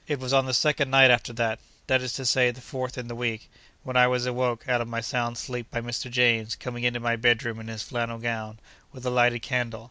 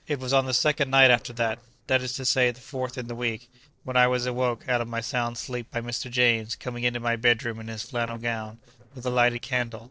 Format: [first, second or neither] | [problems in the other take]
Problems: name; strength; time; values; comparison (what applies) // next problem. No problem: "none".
first | noise reduction (neural separator model SepFormer DNS4)